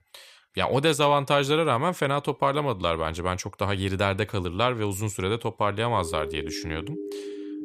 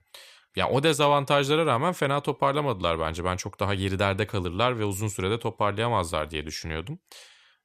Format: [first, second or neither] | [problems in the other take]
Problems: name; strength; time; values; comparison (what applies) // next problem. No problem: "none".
second | siren; noticeable; from 6 s on; peak 9 dB below the speech